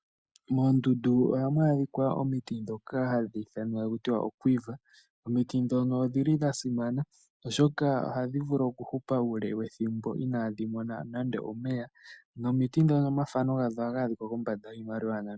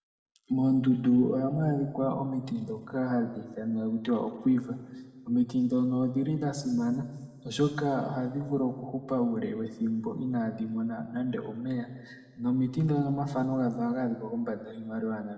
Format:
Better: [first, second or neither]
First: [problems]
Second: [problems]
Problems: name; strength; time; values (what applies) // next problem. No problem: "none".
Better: first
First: none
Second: room echo; dies away in 1.4 s